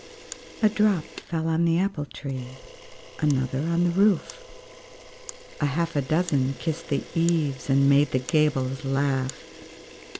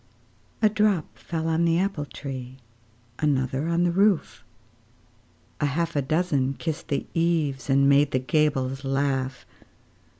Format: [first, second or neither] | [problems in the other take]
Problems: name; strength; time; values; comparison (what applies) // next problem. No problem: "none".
second | background sound (Camera); 18 dB below the speech